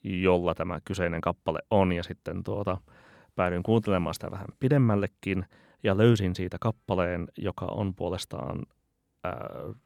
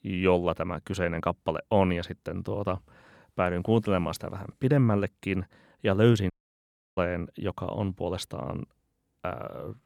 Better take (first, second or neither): first